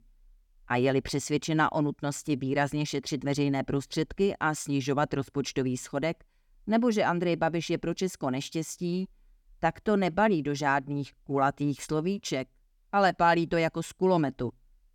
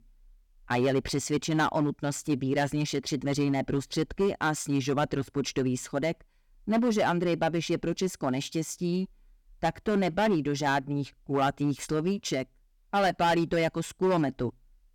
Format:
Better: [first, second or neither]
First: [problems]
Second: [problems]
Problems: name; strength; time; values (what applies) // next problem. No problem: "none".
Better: first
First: none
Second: distortion; slight; 6% of the sound clipped